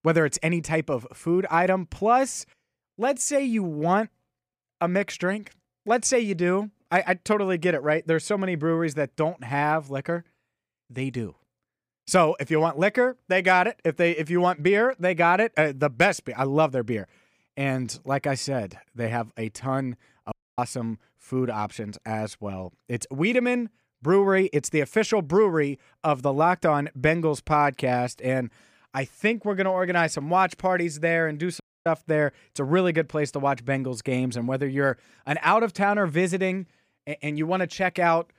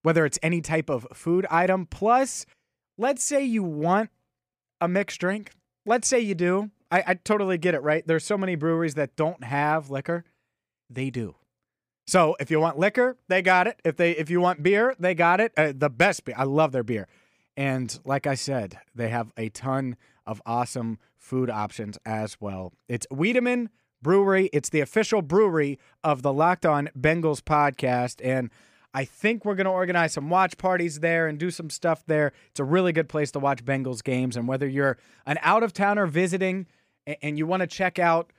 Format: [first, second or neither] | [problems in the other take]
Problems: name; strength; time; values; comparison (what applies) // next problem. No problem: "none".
second | audio cutting out; at 20 s and at 32 s